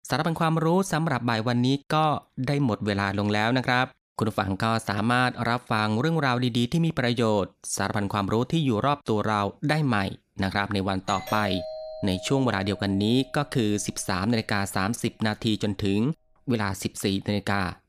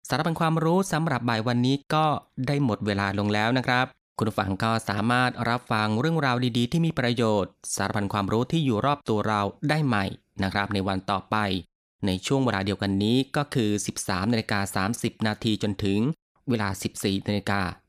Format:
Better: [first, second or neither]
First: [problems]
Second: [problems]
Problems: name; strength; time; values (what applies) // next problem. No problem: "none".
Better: second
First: doorbell; noticeable; from 11 to 14 s; peak 8 dB below the speech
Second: none